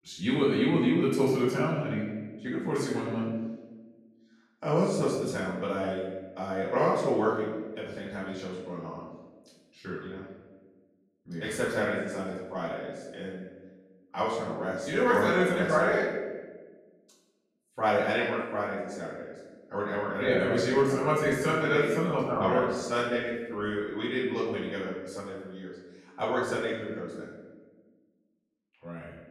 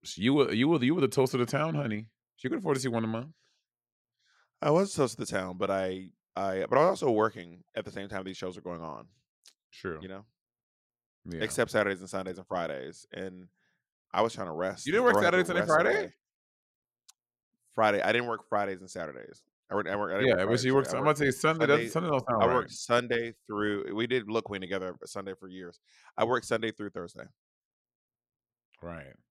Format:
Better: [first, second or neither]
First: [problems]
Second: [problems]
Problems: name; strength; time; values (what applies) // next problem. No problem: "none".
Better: second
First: off-mic speech; far // room echo; noticeable; dies away in 1.1 s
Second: none